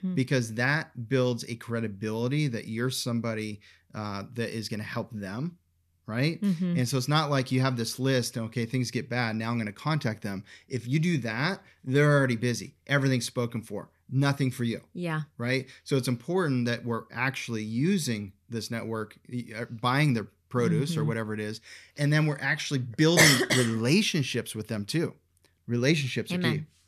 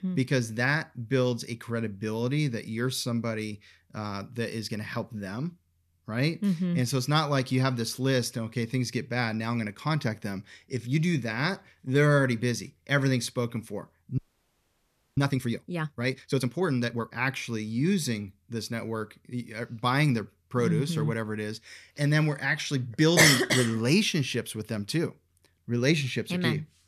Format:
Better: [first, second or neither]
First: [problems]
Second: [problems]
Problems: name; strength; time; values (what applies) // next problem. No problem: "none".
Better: first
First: none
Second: audio freezing; at 14 s for 1 s